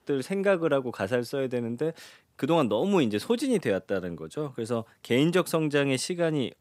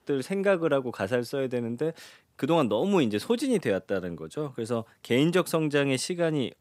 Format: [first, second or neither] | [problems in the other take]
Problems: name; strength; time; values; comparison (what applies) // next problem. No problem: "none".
neither | none